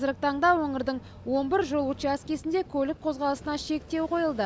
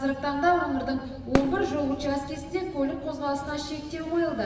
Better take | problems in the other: first | background sound (Fireworks); 9 dB below the speech // room echo; dies away in 1.3 s

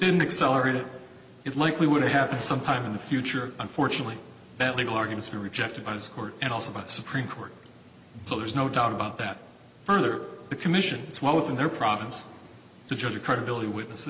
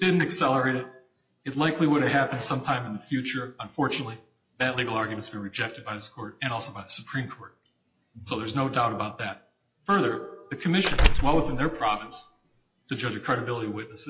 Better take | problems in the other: first | noise reduction (classical method log-MMSE)

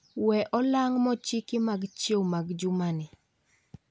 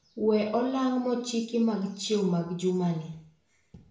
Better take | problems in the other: first | room echo; dies away in 0.5 s

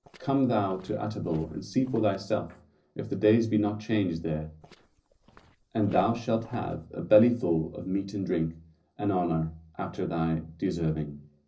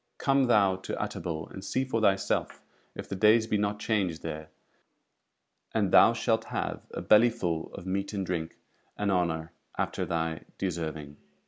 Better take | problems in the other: second | noise reduction (neural separator model SepFormer DNS4)

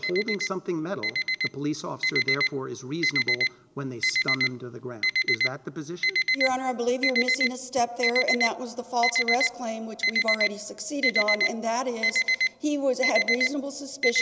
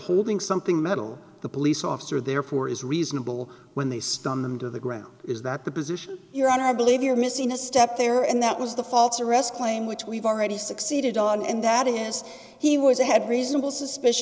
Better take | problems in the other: second | background sound (Alarm); 2 dB above the speech

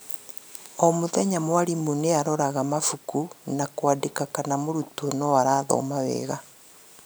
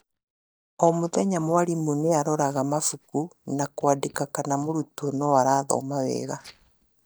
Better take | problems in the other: first | noise reduction (neural mask model DeepFilterNet 3)

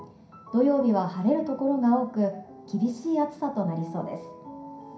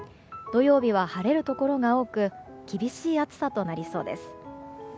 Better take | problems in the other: second | room echo; dies away in 0.5 s

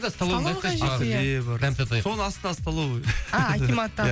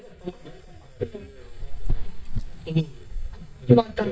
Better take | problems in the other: first | noise reduction (neural mask model DeepFilterNet 3)

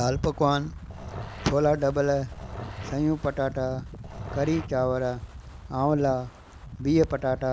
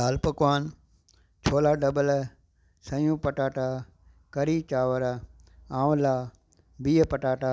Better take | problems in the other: second | background sound (Growling + Wind); 12 dB below the speech

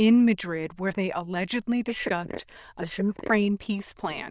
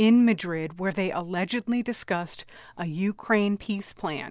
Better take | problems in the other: second | noise reduction (neural diffusion model UNIVERSE++)

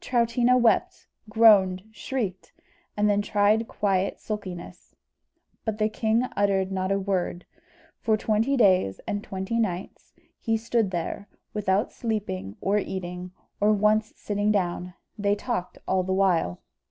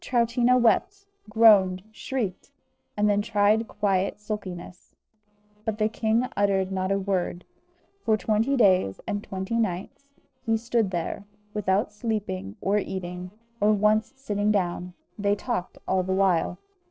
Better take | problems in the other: first | noise reduction (neural separator model SepFormer DNS4)

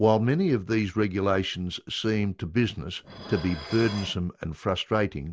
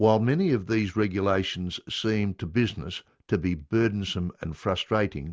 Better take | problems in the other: second | background sound (Dishes, pots, and pans); 18 dB below the speech

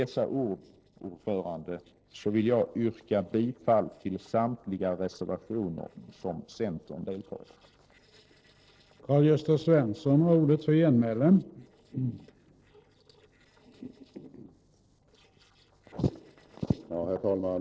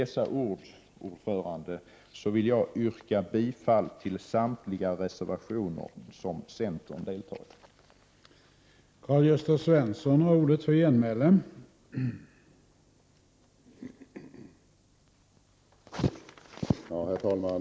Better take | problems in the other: second | noise reduction (neural separator model SepFormer DNS4)

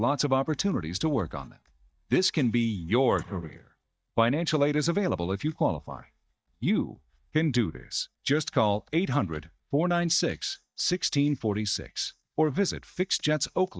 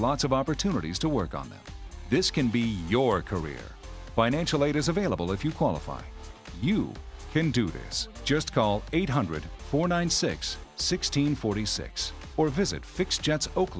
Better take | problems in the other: second | noise reduction (neural mask model DeepFilterNet 3)

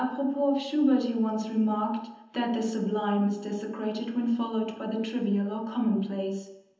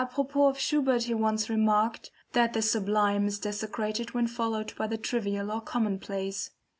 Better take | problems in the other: second | room echo; dies away in 0.9 s

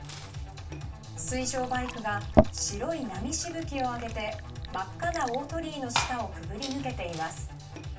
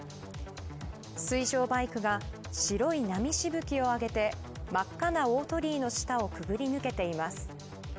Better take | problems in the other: second | background sound (Fill (with liquid) / Glass); 1 dB below the speech // room echo; dies away in 0.2 s

